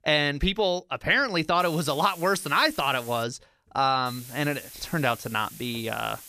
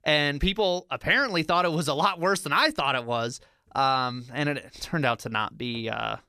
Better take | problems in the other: second | hiss; noticeable; from 1.5 to 3 s and from 4 s on; 15 dB below the speech

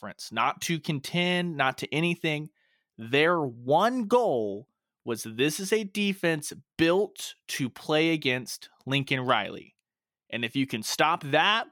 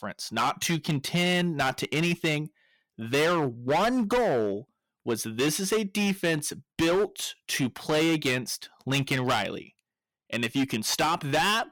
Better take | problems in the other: first | distortion; heavy; 13% of the sound clipped

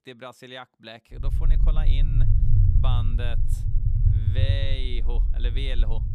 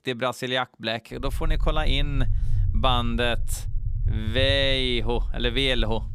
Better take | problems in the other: second | low rumble; loud; from 1 s on; 4 dB below the speech; faint in the second

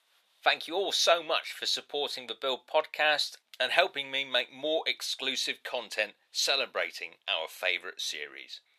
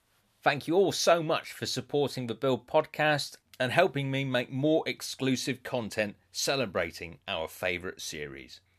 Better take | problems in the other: second | thin; very; fading below 600 Hz

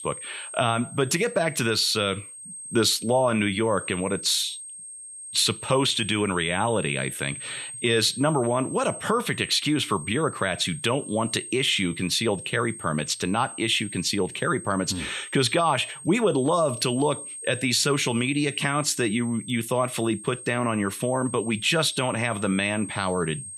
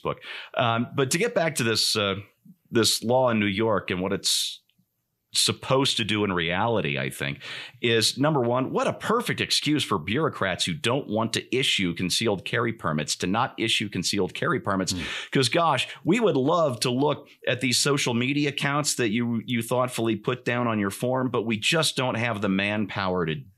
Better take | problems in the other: second | high-pitched whine; noticeable; throughout; 8.5 kHz, 10 dB below the speech

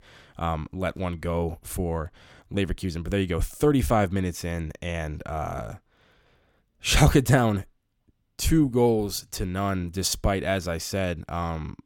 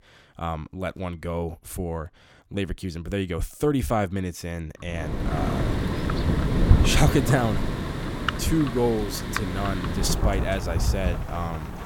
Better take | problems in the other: first | rain or running water; very loud; from 5 s on; 1 dB above the speech

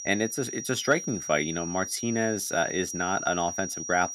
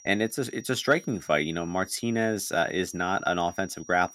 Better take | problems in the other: second | high-pitched whine; loud; throughout; 5.5 kHz, 6 dB below the speech; faint in the second

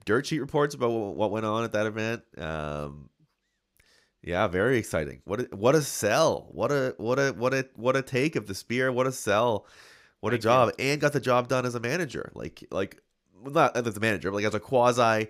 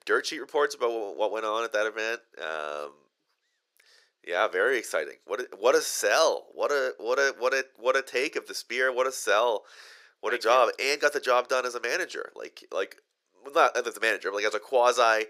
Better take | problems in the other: first | thin; very; fading below 400 Hz

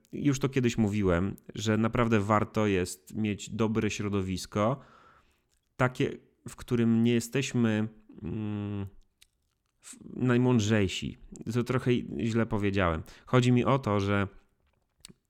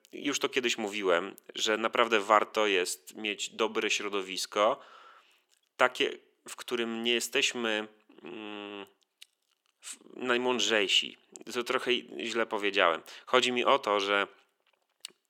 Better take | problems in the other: first | thin; very; fading below 400 Hz

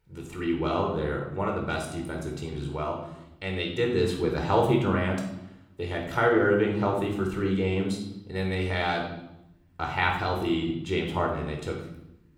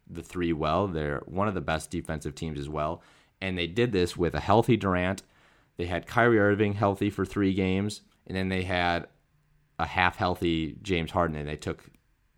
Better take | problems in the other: second | room echo; noticeable; dies away in 0.7 s // off-mic speech; somewhat distant

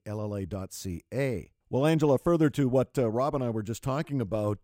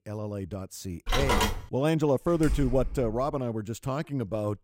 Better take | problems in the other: first | phone ringing; loud; at 1 s; peak 4 dB above the speech // door banging; noticeable; at 2.5 s; peak 5 dB below the speech

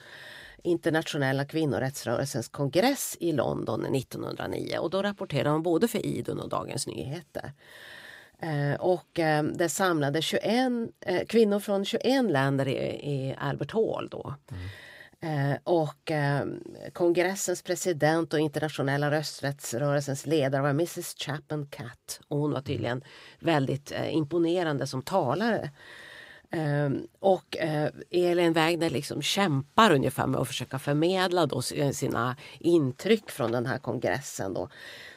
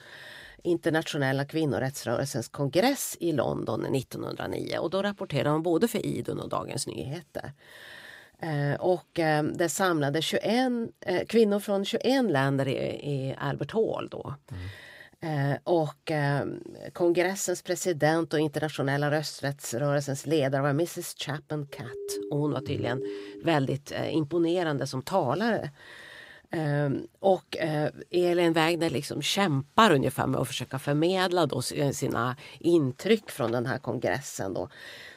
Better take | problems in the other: first | siren; noticeable; from 22 to 23 s; peak 8 dB below the speech

